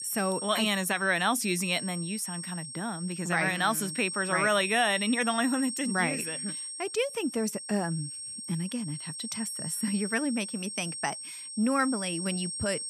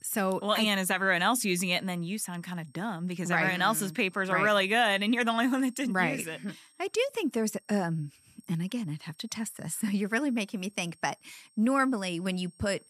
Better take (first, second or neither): second